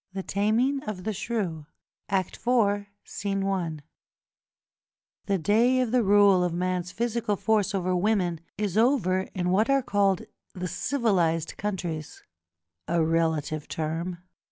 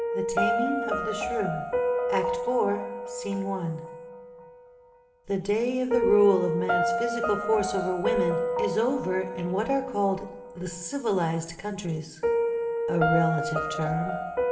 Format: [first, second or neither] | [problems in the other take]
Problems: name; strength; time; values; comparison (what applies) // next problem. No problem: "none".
first | background sound (Piano); 1 dB below the speech // room echo; dies away in 2.1 s